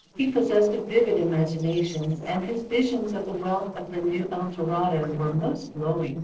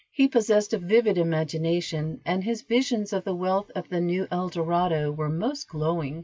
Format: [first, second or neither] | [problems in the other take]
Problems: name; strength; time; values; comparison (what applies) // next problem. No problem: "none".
second | noise reduction (neural separator model SepFormer DNS4)